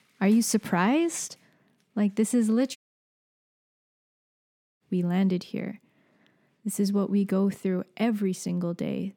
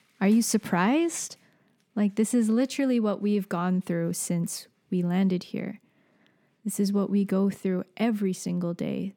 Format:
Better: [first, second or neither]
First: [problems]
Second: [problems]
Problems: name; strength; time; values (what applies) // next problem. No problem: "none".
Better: second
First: audio cutting out; at 3 s for 2 s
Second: none